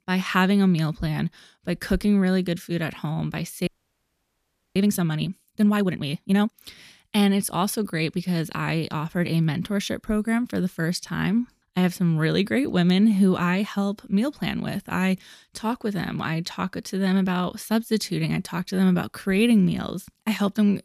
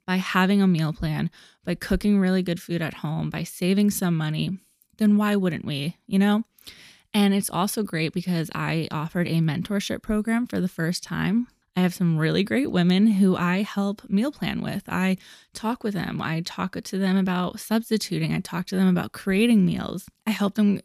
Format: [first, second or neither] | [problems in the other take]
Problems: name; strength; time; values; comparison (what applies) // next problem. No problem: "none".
second | audio freezing; at 3.5 s for 1 s